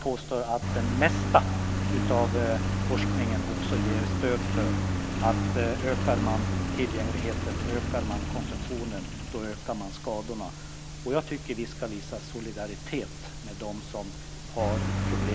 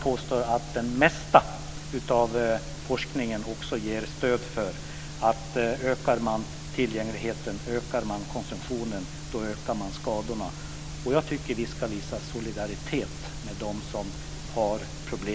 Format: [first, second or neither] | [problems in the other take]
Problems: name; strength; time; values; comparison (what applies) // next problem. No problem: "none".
second | background sound (Engine); 1 dB above the speech